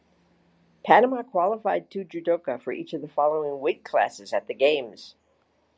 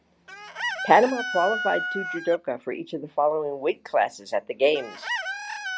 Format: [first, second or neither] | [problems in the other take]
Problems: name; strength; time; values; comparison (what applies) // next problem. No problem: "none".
first | background sound (Chicken, rooster); 8 dB below the speech